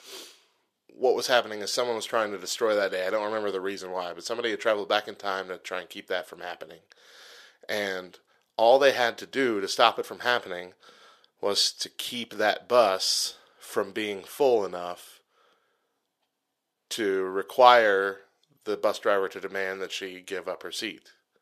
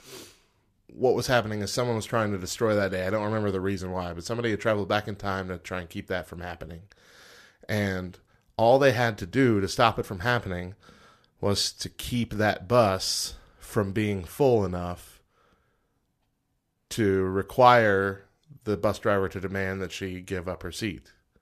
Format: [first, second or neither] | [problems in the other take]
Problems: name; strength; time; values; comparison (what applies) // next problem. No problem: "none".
second | thin; somewhat; fading below 450 Hz